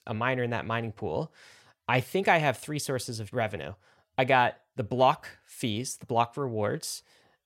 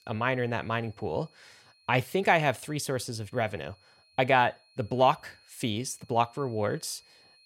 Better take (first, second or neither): first